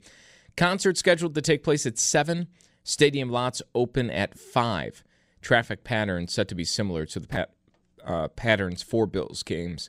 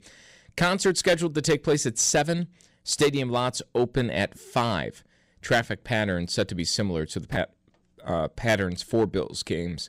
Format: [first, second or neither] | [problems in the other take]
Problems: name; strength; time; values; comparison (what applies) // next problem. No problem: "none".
first | distortion; slight; 3% of the sound clipped